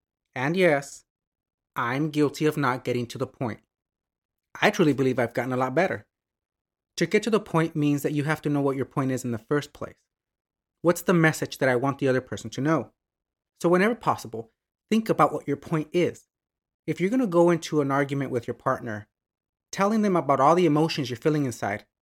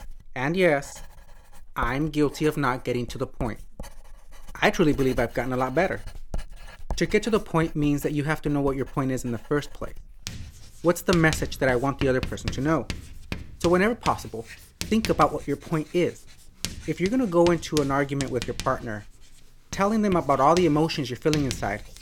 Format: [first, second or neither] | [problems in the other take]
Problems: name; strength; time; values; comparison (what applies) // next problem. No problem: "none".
first | household noises; noticeable; throughout; 15 dB below the speech